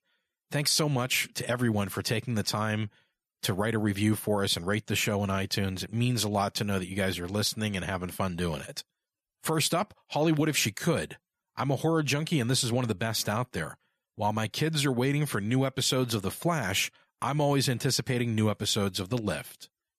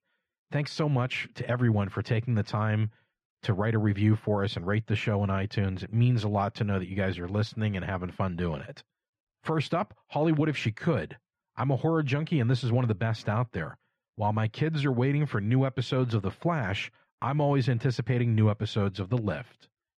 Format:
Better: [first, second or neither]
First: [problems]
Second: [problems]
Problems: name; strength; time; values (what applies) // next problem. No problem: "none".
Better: first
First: none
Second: muffled; slightly; fading above 2.5 kHz